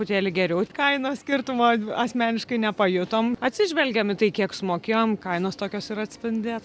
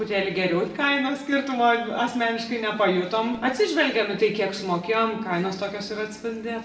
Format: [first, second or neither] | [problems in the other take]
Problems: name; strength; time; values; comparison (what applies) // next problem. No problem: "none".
first | room echo; dies away in 0.8 s